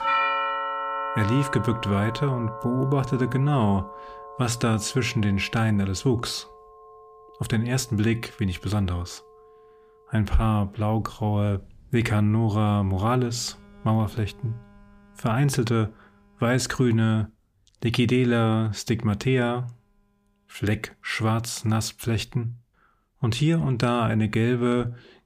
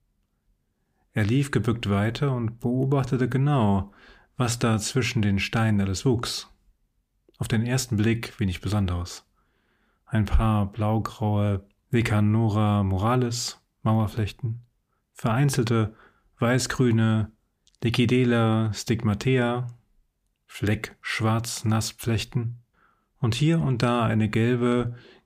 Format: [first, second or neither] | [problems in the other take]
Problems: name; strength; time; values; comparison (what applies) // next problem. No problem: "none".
second | alarms or sirens; loud; throughout; 7 dB below the speech